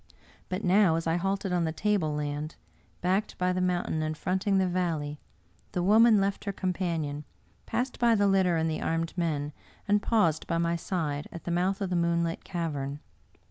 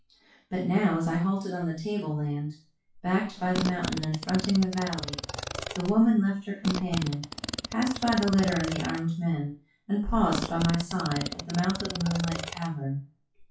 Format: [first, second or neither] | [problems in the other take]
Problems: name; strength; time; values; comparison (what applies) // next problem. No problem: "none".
first | noise reduction (classical method WPE with log-MMSE)